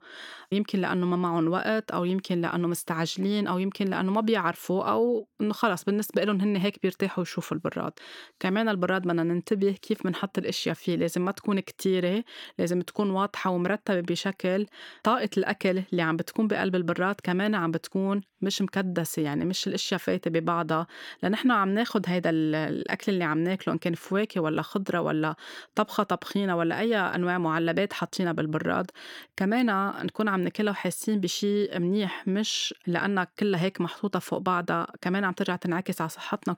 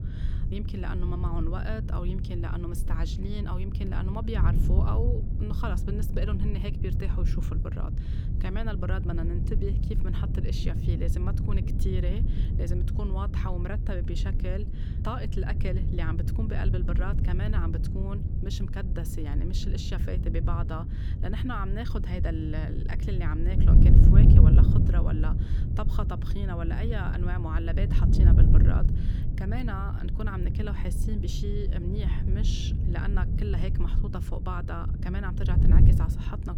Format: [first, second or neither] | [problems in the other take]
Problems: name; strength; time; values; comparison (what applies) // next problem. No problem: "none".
first | wind noise on the microphone; heavy; 2 dB below the speech